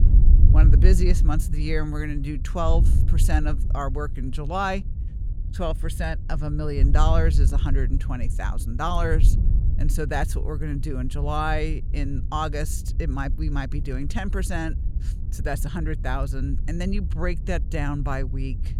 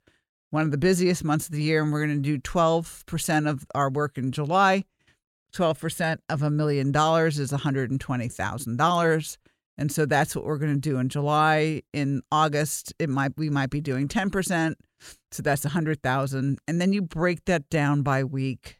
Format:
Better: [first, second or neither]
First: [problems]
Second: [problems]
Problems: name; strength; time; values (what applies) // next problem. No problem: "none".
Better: second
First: wind noise on the microphone; occasional gusts; 15 dB below the speech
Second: none